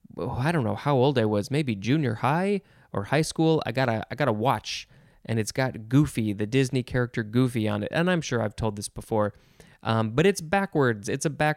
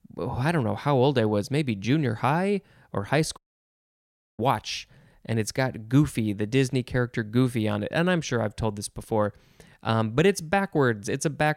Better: first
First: none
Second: audio cutting out; at 3.5 s for 1 s

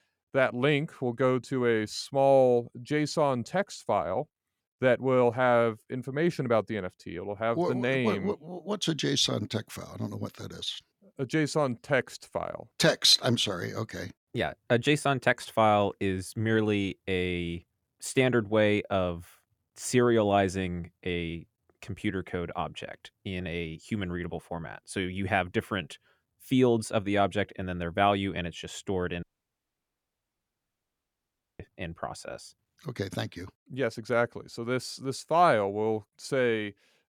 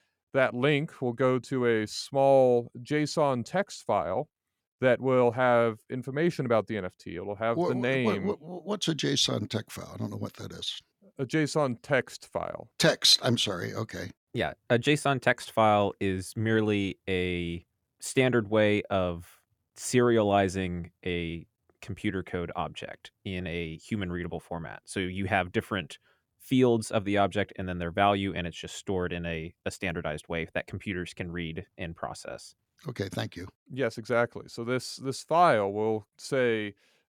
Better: second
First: audio cutting out; at 29 s for 2.5 s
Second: none

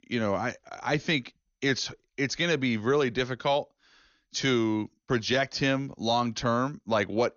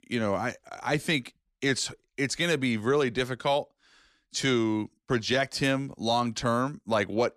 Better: second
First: garbled, watery; slightly; nothing above 6.5 kHz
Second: none

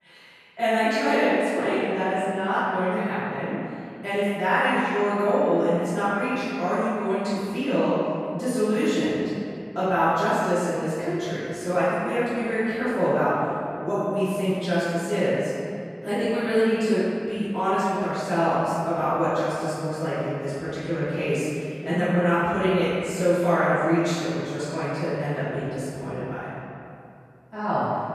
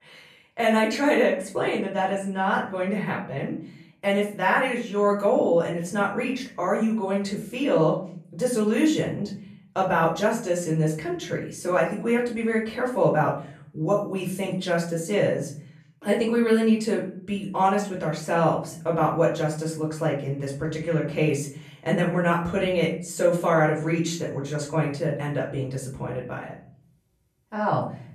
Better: second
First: room echo; strong; dies away in 2.4 s // off-mic speech; far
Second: room echo; slight; dies away in 0.6 s // off-mic speech; far

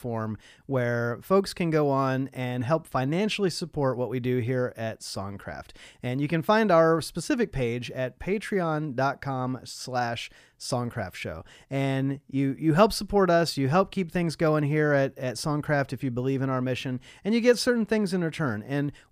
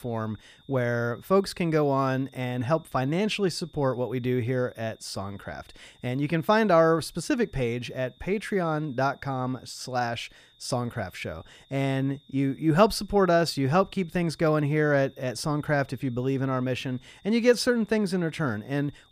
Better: first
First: none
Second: high-pitched whine; faint; throughout; 3.5 kHz, 30 dB below the speech

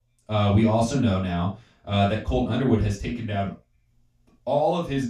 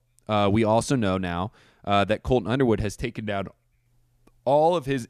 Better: second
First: room echo; noticeable; dies away in 0.2 s // off-mic speech; far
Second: none

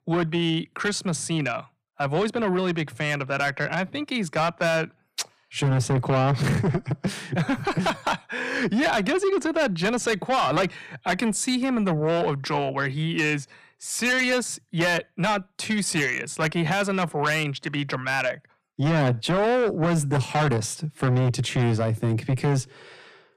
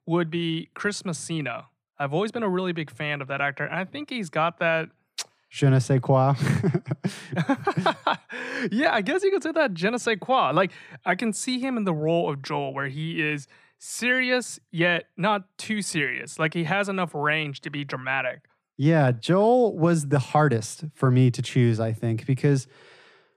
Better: second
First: distortion; heavy; 7 dB below the speech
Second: none

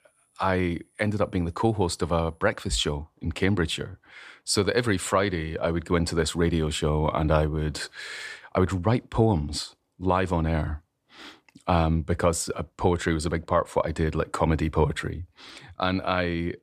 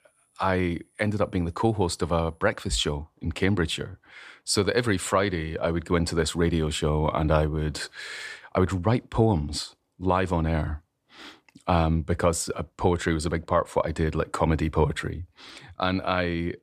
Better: neither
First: none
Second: none

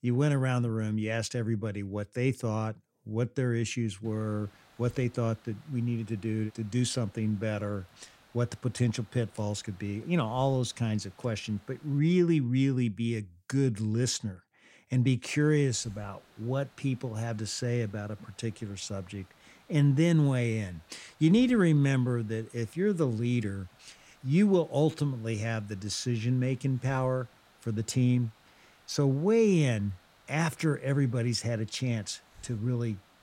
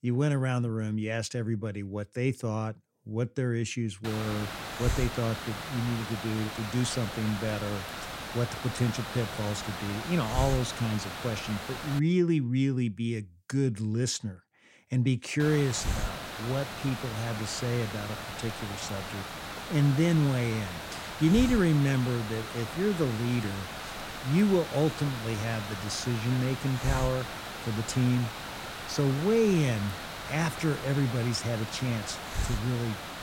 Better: first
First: hiss; faint; from 4 to 12 s and from 15 s on; 30 dB below the speech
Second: hiss; loud; from 4 to 12 s and from 15 s on; 7 dB below the speech

